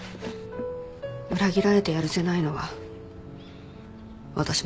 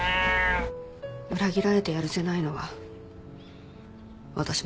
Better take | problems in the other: first | background sound (Livestock, farm animals, working animals); 3 dB below the speech

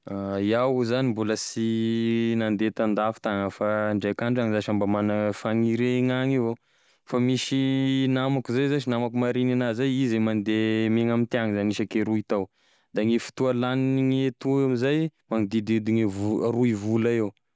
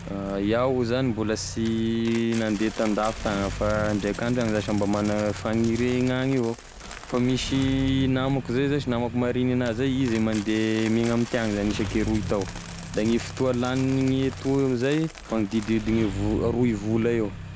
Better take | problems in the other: first | background sound (Coin (dropping) + Engine starting); 11 dB below the speech

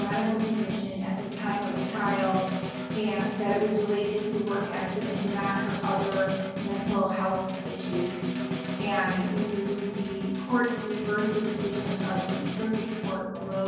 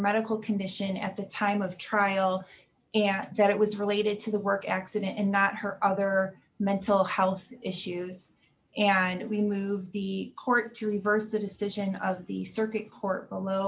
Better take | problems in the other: second | background sound (Snare drum); 5 dB below the speech // room echo; dies away in 1.3 s

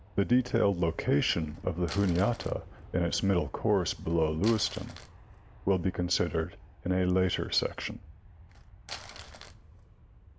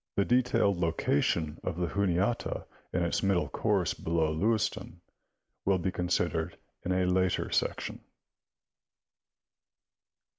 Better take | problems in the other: second | background sound (Crumpling, crinkling + Aircraft); 18 dB below the speech

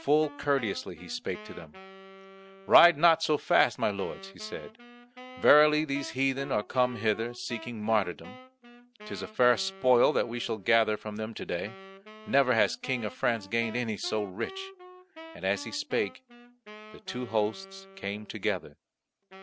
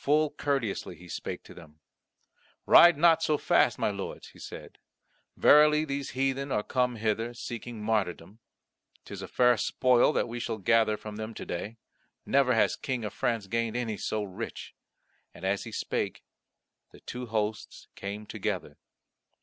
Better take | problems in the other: second | background sound (Wind instrument, woodwind instrument); 19 dB below the speech

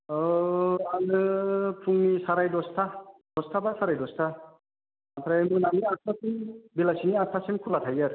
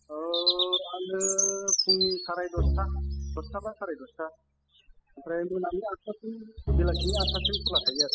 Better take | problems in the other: first | noise reduction (classical method spectral subtraction)

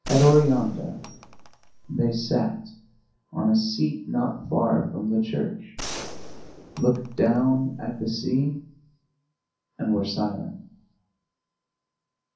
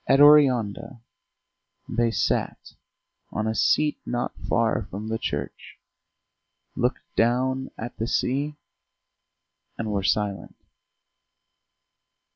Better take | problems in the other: second | background sound (Gunshot, gunfire); 12 dB below the speech // room echo; dies away in 0.6 s

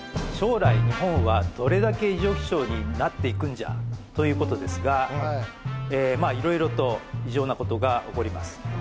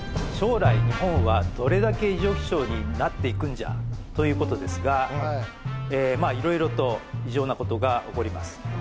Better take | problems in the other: first | background sound (Thunder / Explosion); 13 dB below the speech

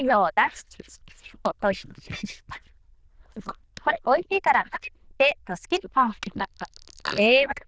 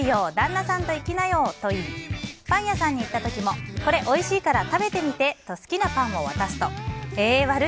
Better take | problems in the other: second | noise reduction (neural diffusion model UNIVERSE++)

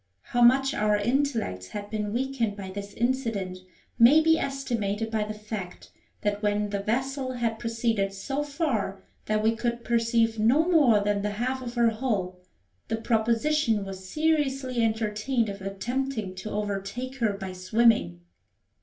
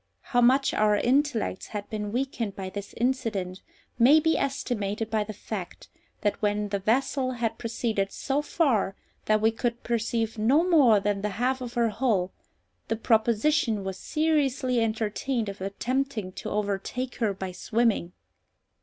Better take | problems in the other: second | room echo; dies away in 0.3 s

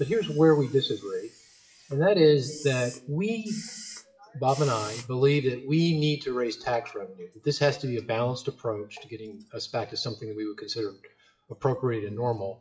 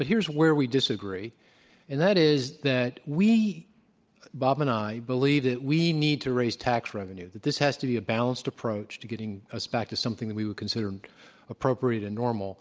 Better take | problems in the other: second | noise reduction (classical method WPE with log-MMSE)

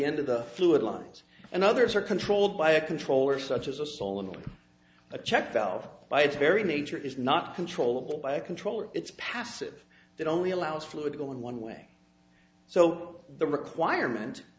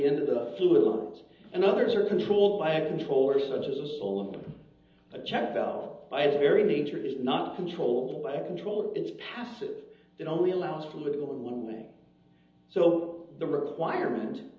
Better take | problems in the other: first | room echo; dies away in 1.2 s

